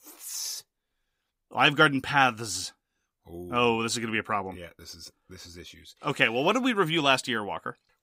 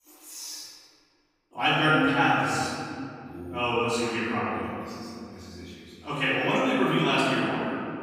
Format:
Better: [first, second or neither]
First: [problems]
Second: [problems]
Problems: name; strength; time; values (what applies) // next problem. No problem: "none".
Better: first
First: none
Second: off-mic speech; far // room echo; strong; dies away in 2.8 s